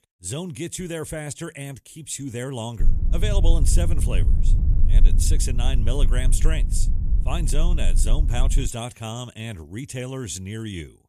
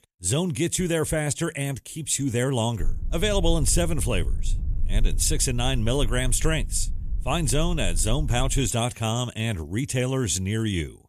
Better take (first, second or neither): second